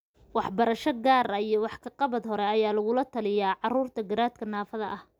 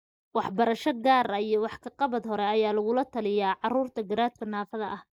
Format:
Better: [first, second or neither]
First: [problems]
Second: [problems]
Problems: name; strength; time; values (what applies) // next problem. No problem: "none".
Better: first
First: none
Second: noise reduction (neural mask model Resemble Enhance denoiser)